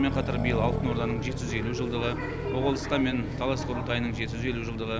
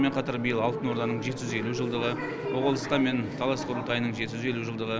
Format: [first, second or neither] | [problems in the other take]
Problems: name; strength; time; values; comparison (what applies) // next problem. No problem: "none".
second | background sound (Accelerating, revving, vroom); 4 dB below the speech